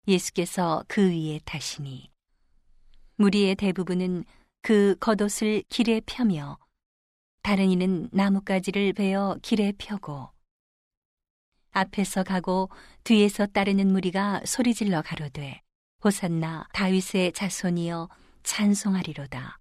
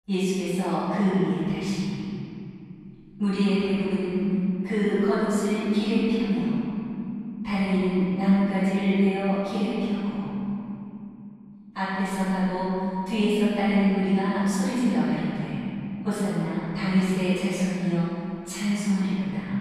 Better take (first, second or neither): first